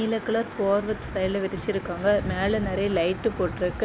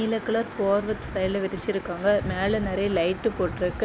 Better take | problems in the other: second | background sound (Thunder / Cricket); 17 dB below the speech

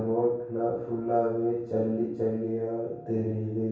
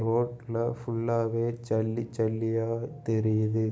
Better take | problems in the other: second | room echo; dies away in 0.7 s

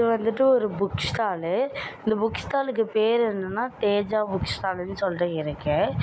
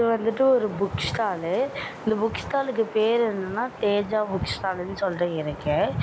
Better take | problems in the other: first | background sound (Wind); 18 dB below the speech

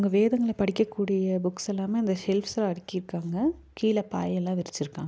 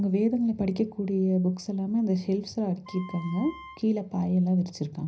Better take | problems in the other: first | background sound (Wind instrument, woodwind instrument); 20 dB below the speech // room echo; dies away in 0.4 s

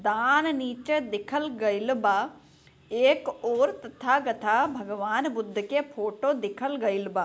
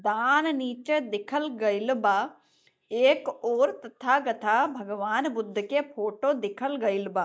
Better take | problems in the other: first | noise reduction (neural mask model DeepFilterNet 3)

